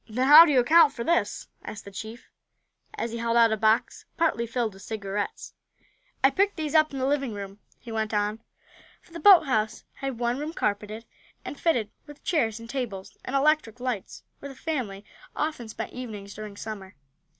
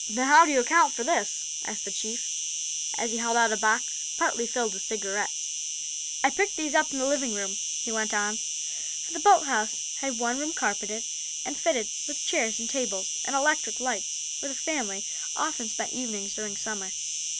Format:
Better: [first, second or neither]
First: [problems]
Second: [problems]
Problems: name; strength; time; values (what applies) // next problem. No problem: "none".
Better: first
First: none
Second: background sound (Insect); 3 dB below the speech